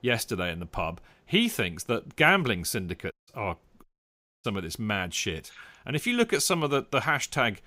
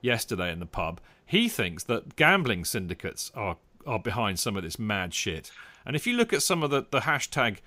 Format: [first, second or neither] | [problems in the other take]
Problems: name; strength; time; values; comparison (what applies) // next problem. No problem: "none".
second | audio cutting out; at 3 s and at 4 s for 0.5 s